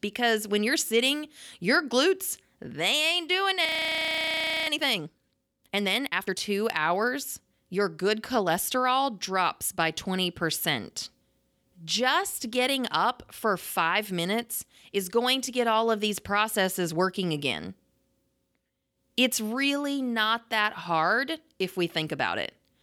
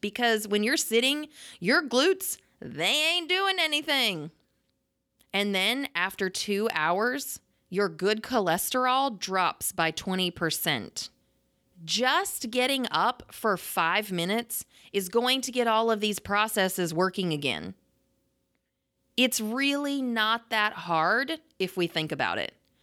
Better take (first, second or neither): second